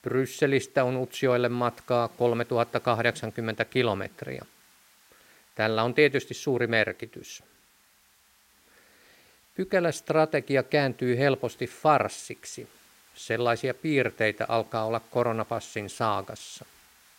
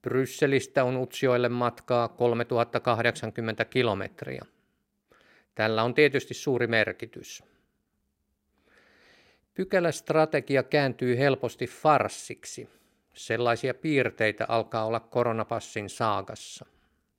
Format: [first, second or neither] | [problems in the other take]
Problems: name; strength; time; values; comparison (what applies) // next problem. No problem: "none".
second | hiss; faint; throughout; 30 dB below the speech